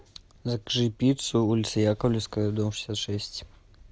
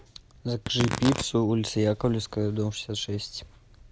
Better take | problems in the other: first | background sound (Tearing); 11 dB below the speech

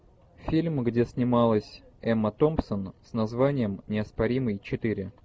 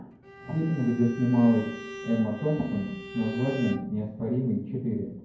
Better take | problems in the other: first | background sound (Bowed string instrument); 15 dB below the speech // room echo; dies away in 0.9 s

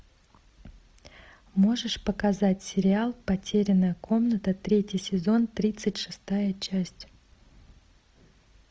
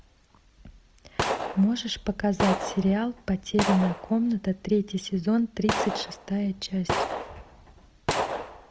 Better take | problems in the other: first | background sound (Gunshot, gunfire); 5 dB below the speech

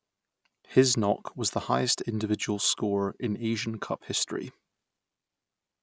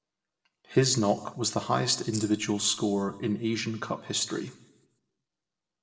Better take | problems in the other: first | noise reduction (neural separator model SepFormer DNS4)

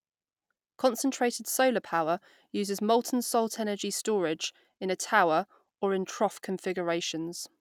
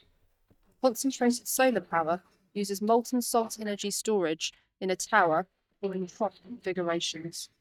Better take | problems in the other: first | noise reduction (neural mask model DeepFilterNet 3)

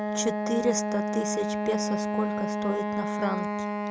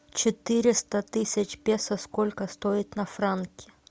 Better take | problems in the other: second | background sound (Wind instrument, woodwind instrument); 2 dB above the speech

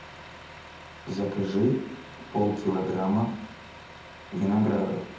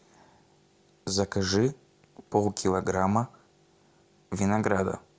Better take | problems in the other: second | background sound (Truck); 16 dB below the speech // room echo; dies away in 0.8 s

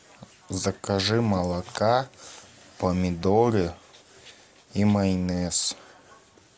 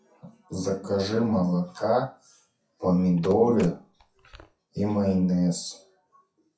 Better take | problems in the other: first | noise reduction (classical method WPE with log-MMSE)

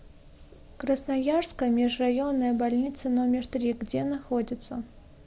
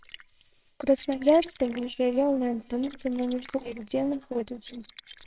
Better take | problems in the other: first | noise reduction (neural separator model SepFormer WHAMR!)

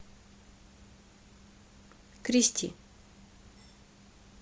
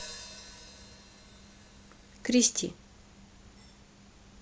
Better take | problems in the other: first | background sound (Hi-hat); 18 dB below the speech

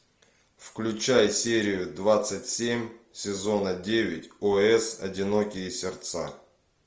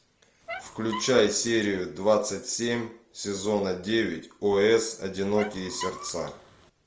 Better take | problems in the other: first | background sound (Squeak); 13 dB below the speech

